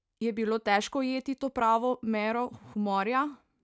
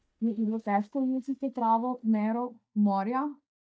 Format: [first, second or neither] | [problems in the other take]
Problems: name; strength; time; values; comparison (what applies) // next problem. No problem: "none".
first | noise reduction (neural mask model DeepFilterNet 3)